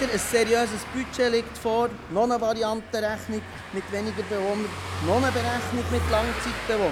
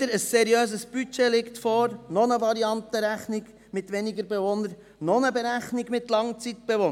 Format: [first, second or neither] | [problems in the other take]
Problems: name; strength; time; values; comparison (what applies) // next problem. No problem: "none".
second | background sound (Car passing by / Engine); 7 dB below the speech